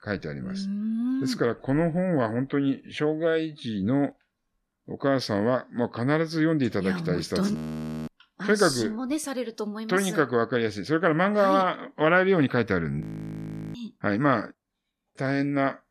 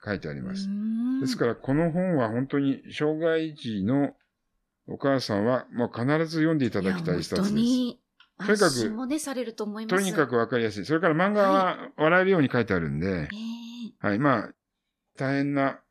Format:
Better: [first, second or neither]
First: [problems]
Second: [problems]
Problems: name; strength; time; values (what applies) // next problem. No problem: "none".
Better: second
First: audio freezing; at 7.5 s for 0.5 s and at 13 s for 0.5 s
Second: none